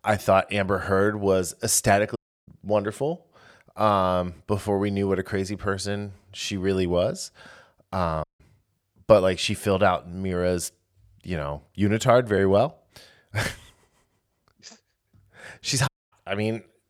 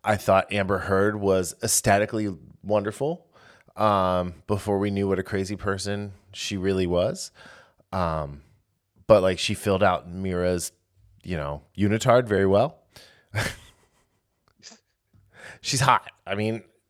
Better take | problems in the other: second | audio cutting out; at 2 s, at 8 s and at 16 s

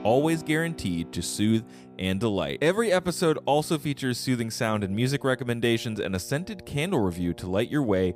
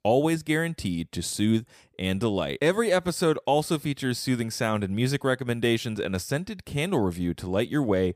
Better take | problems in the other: second | background music; faint; throughout; 20 dB below the speech

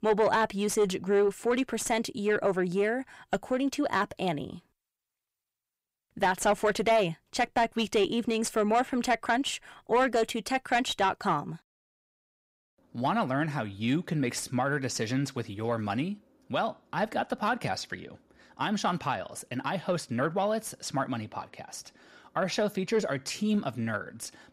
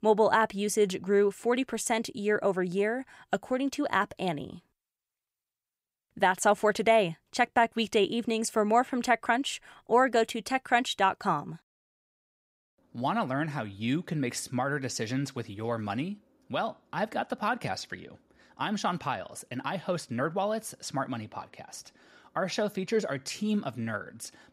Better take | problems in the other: second | distortion; slight; 10 dB below the speech

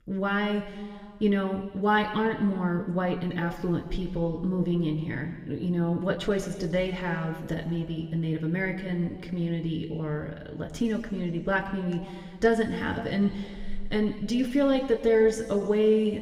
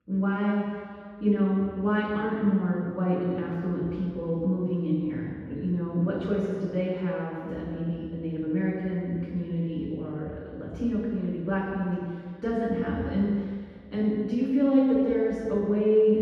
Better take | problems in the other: first | room echo; strong; dies away in 1.8 s; slight in the first // off-mic speech; far

